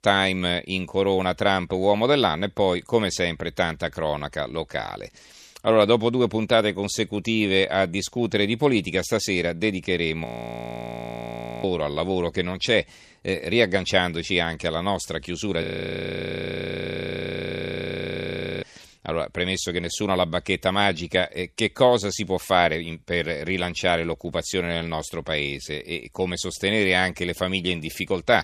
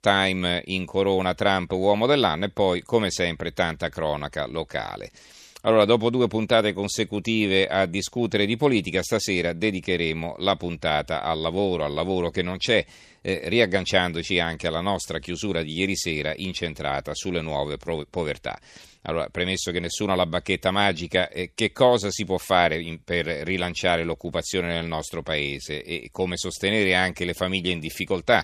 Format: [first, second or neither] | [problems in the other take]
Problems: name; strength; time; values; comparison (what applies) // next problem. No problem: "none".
second | audio freezing; at 10 s for 1.5 s and at 16 s for 3 s